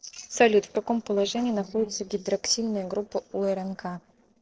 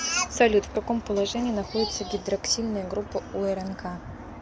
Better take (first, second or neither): second